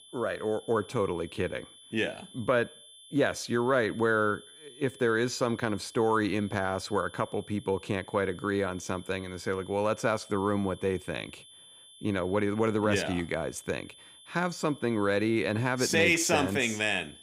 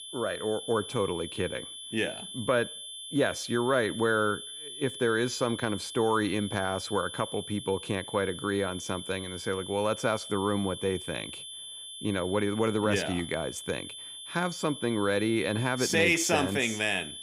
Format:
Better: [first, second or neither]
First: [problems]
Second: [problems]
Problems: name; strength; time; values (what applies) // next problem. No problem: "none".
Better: first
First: high-pitched whine; faint; throughout; 3.5 kHz, 20 dB below the speech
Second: high-pitched whine; loud; throughout; 3.5 kHz, 10 dB below the speech